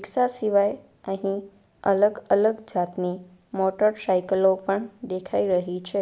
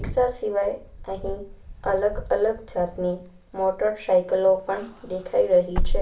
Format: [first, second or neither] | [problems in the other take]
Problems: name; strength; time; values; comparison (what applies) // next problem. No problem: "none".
first | background sound (Wind / Car); 6 dB below the speech // room echo; dies away in 0.3 s